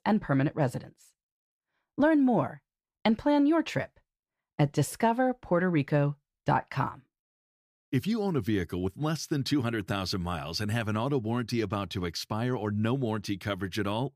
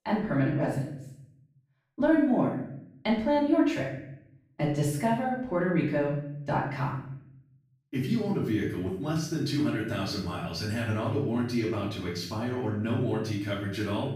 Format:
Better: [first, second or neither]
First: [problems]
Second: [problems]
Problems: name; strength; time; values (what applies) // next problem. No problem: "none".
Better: first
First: none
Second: off-mic speech; far // room echo; noticeable; dies away in 0.7 s